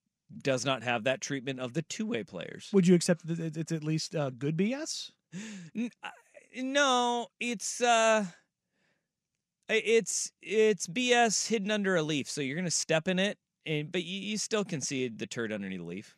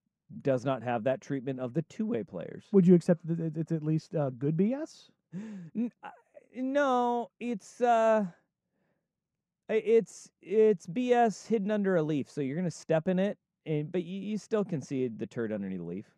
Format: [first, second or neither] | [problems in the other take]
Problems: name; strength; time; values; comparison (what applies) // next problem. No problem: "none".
first | muffled; very; fading above 1.5 kHz